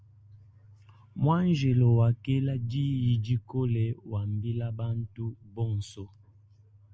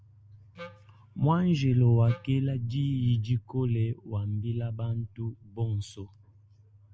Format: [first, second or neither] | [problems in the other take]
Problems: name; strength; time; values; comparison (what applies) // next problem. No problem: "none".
first | background sound (Wind instrument, woodwind instrument); 18 dB below the speech